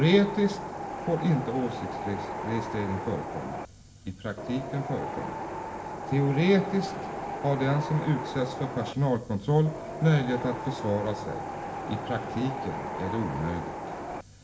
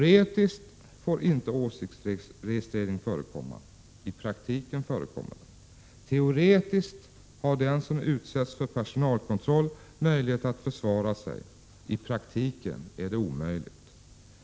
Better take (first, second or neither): second